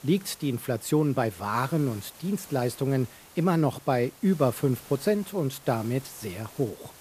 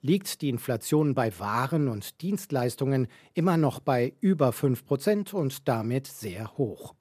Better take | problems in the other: second | hiss; noticeable; throughout; 20 dB below the speech

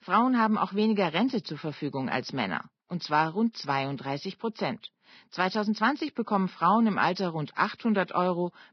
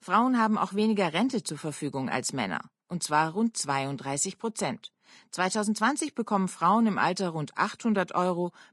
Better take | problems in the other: second | garbled, watery; badly; nothing above 5.5 kHz; slightly in the second

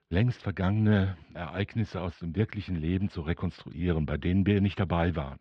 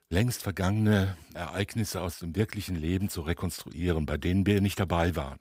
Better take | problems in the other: second | muffled; slightly; fading above 3.5 kHz

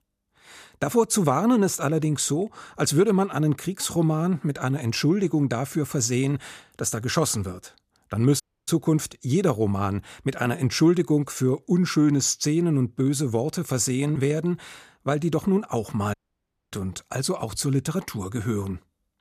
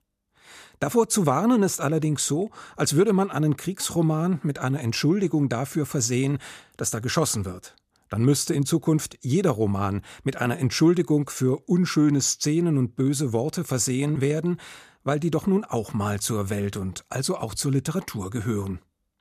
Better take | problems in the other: second | audio cutting out; at 8.5 s and at 16 s for 0.5 s

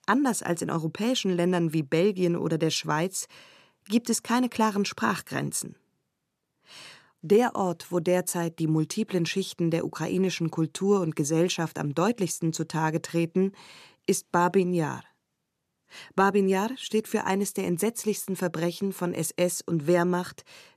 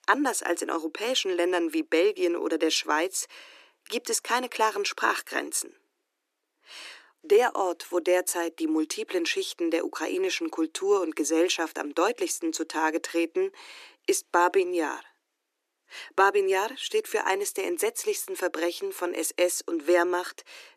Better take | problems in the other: first | thin; very; fading below 300 Hz

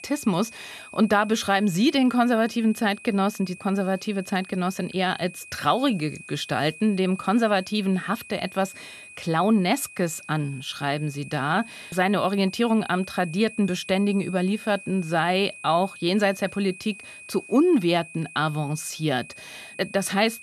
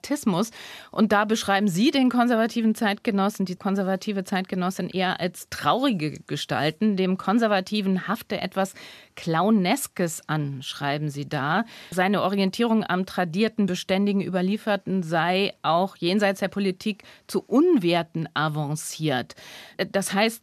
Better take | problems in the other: second | high-pitched whine; noticeable; throughout; 2.5 kHz, 15 dB below the speech

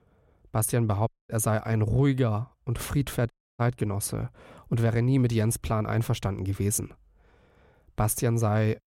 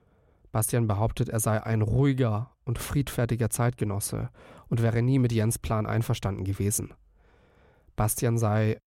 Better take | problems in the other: second | audio cutting out; at 1 s and at 3.5 s

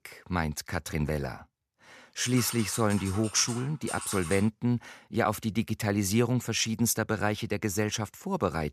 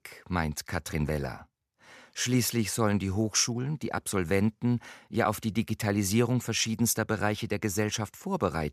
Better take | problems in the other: second | keyboard typing; noticeable; from 2 to 4.5 s; peak 8 dB below the speech

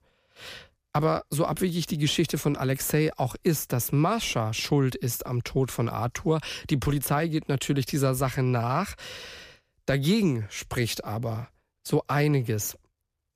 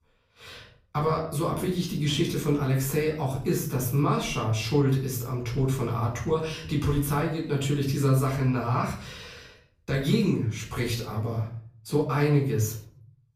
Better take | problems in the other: first | off-mic speech; far // room echo; slight; dies away in 0.5 s

